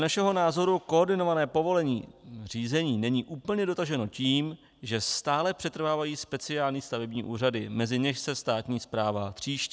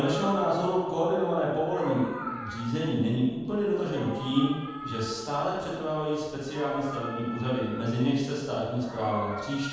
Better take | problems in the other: first | background sound (Meow); 13 dB below the speech // room echo; dies away in 1.2 s

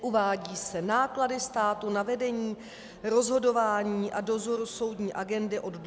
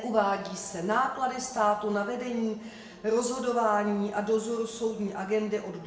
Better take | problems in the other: first | room echo; dies away in 0.6 s

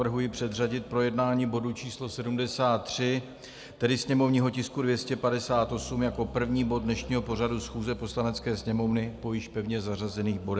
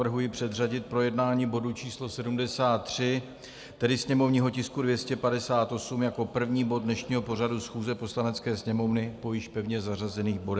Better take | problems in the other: second | background sound (Bass guitar); 19 dB below the speech

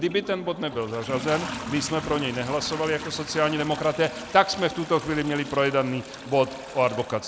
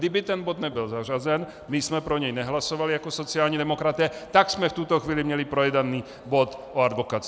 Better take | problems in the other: second | background sound (Toilet flush); 12 dB below the speech

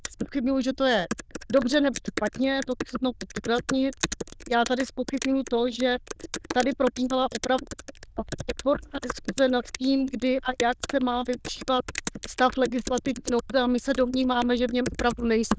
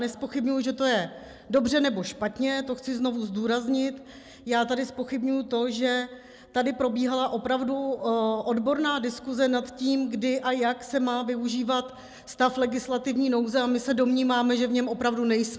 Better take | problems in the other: second | noise reduction (neural diffusion model UNIVERSE++)

